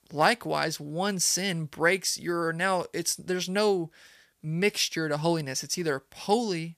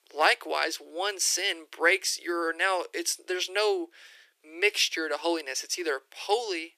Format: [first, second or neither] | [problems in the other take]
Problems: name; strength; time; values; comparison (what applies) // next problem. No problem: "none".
first | thin; very; fading below 350 Hz